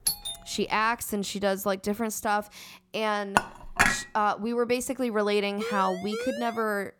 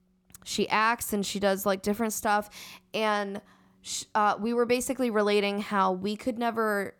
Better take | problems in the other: second | doorbell; loud; at the start; peak level with the speech // clattering dishes; loud; at 3.5 s; peak 4 dB above the speech // siren; noticeable; from 5.5 s on; peak 6 dB below the speech

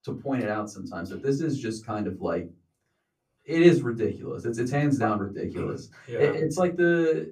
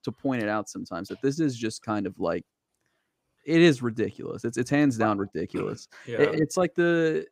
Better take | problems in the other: second | off-mic speech; far // room echo; very slight; dies away in 0.2 s

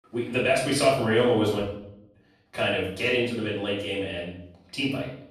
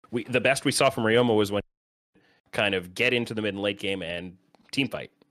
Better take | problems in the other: second | off-mic speech; far // room echo; noticeable; dies away in 0.6 s

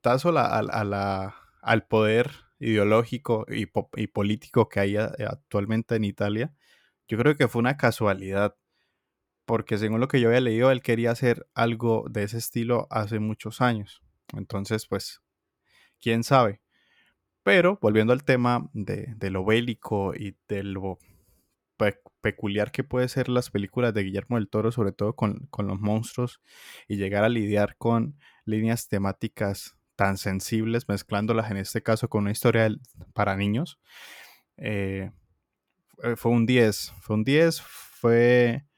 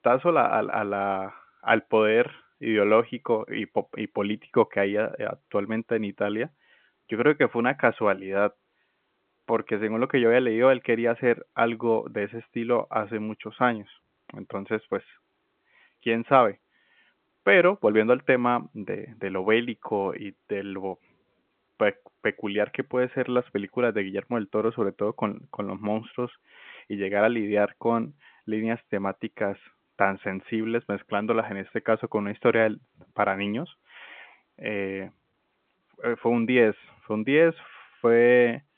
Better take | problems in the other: first | phone-call audio; nothing above 3.5 kHz

